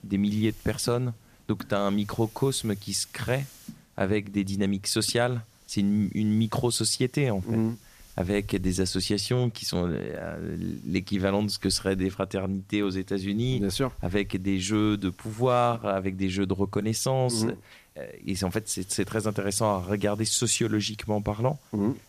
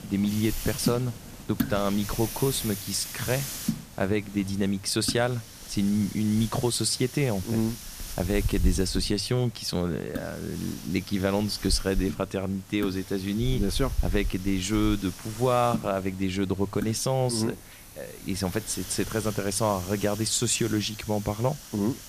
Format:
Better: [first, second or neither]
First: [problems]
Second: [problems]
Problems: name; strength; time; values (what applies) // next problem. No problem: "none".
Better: first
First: hiss; faint; throughout; 25 dB below the speech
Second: hiss; loud; throughout; 9 dB below the speech